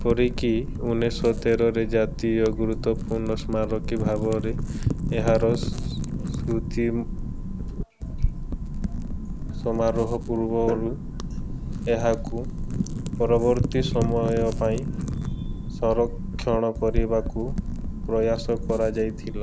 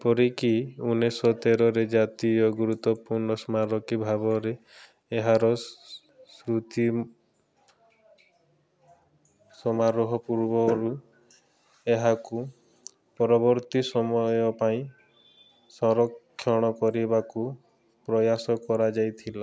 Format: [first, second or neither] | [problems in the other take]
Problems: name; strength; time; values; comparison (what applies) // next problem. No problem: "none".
second | background sound (Wind / Fire); 2 dB below the speech